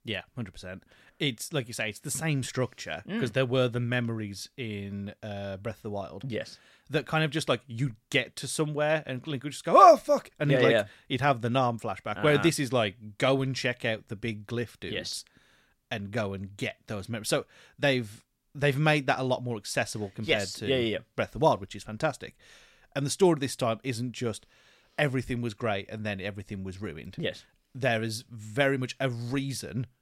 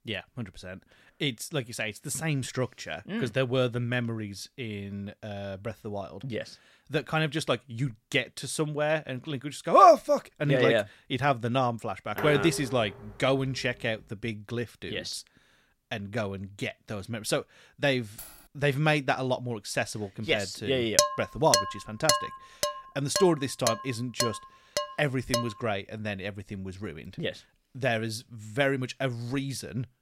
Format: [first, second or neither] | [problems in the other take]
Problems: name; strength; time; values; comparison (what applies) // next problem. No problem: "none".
first | clattering dishes; noticeable; from 12 to 14 s; peak 5 dB below the speech // jangling keys; faint; at 18 s; peak 15 dB below the speech // clattering dishes; loud; from 21 to 25 s; peak 5 dB above the speech